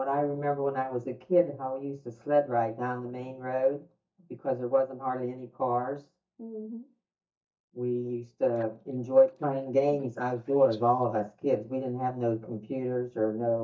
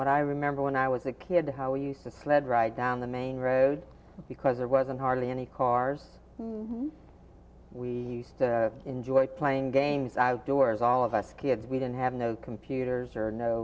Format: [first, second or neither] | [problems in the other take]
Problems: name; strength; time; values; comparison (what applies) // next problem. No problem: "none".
second | noise reduction (neural mask model DeepFilterNet 3)